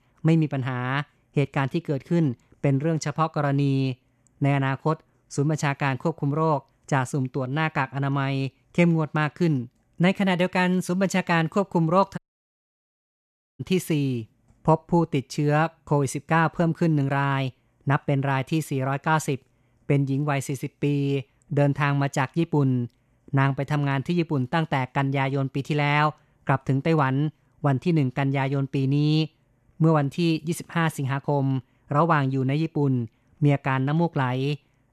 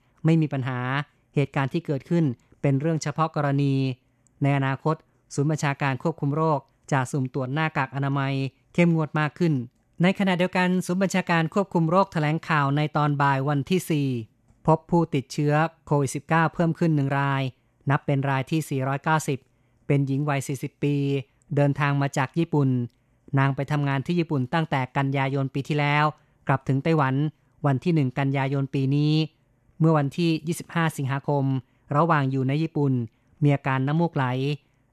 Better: second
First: audio cutting out; at 12 s for 1.5 s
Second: none

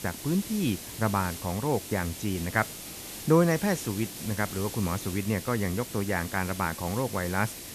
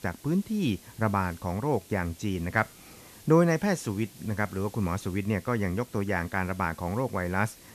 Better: second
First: hiss; loud; throughout; 9 dB below the speech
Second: hiss; faint; throughout; 20 dB below the speech

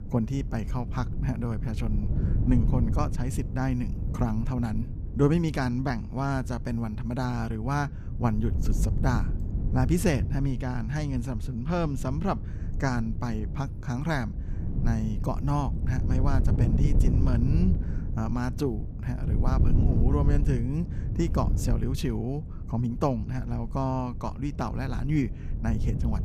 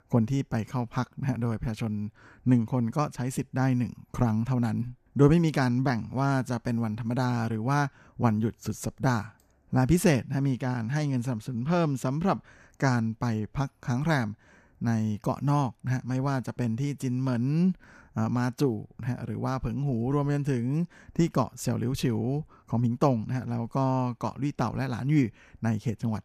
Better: second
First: wind noise on the microphone; heavy; 9 dB below the speech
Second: none

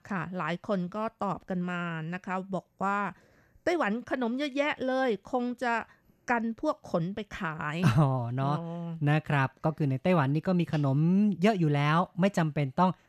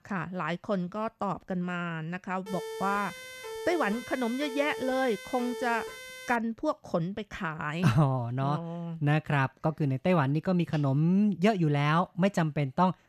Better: first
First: none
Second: siren; noticeable; from 2.5 to 6.5 s; peak 9 dB below the speech

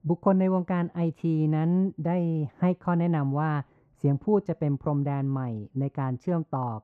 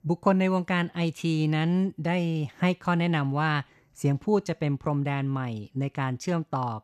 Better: second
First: muffled; very; fading above 2 kHz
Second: none

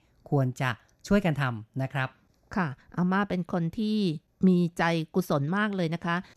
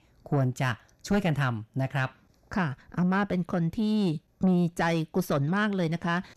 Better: first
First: none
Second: distortion; slight; 10 dB below the speech

